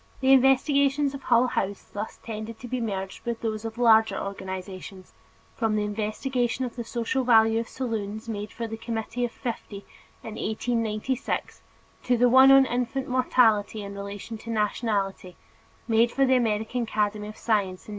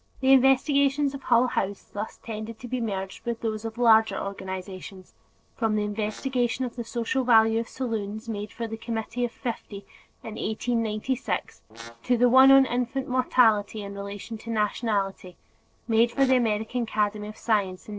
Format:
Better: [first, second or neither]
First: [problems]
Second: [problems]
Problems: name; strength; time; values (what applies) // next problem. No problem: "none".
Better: first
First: none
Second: noise reduction (neural separator model SepFormer DNS4)